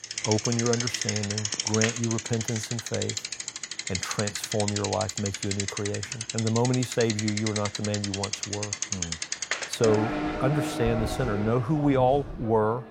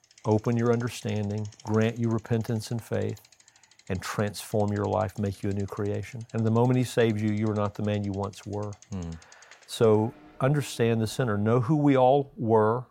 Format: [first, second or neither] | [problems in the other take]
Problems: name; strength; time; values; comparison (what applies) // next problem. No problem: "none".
second | traffic noise; loud; throughout; 3 dB below the speech; faint in the second